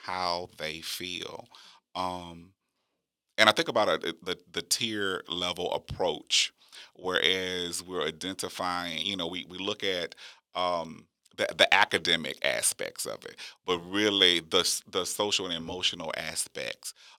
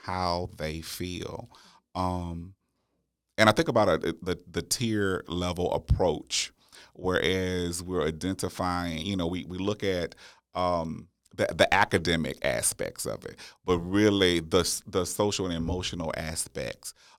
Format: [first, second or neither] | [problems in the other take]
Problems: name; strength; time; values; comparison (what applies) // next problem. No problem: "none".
second | thin; very slightly; fading below 1 kHz